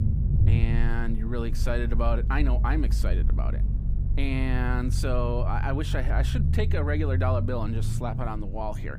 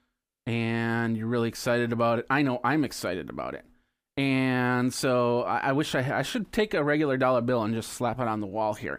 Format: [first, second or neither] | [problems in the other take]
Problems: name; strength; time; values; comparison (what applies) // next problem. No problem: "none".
second | low rumble; noticeable; throughout; 10 dB below the speech